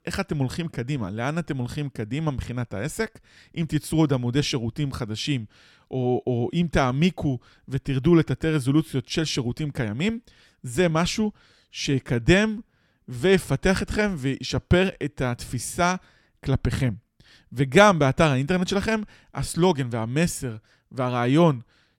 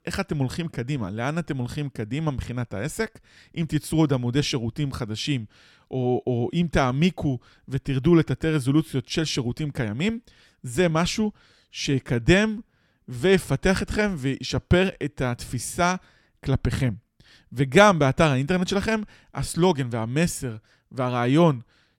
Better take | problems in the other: neither | none

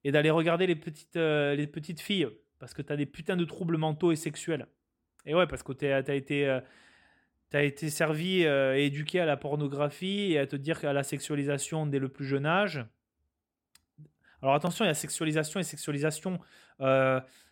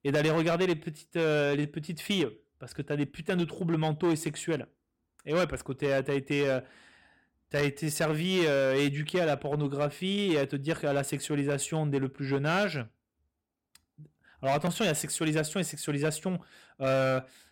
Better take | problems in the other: first | distortion; slight; 7% of the sound clipped

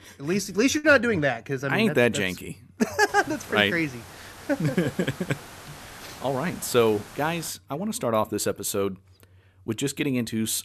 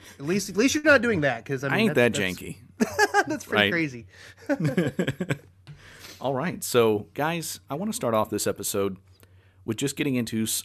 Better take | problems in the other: second | hiss; noticeable; from 3 to 7.5 s; 20 dB below the speech

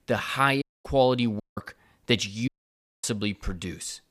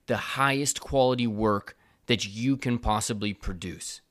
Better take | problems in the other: second | audio cutting out; at 0.5 s, at 1.5 s and at 2.5 s for 0.5 s

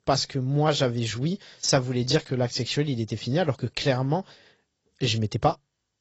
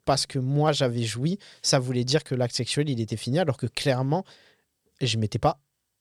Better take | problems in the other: second | garbled, watery; badly; nothing above 7.5 kHz

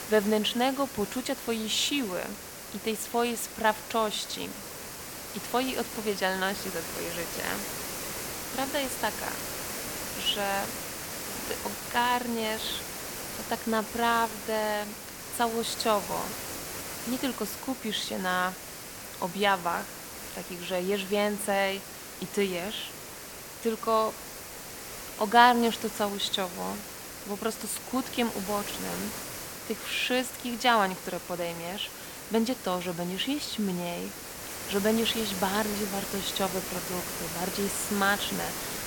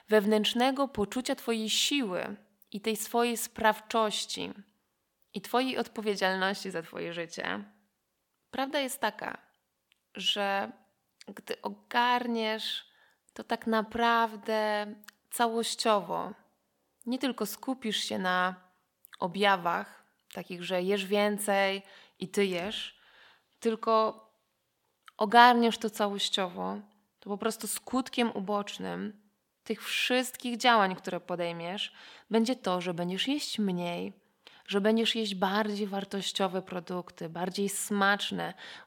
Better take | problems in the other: second | hiss; loud; throughout; 7 dB below the speech

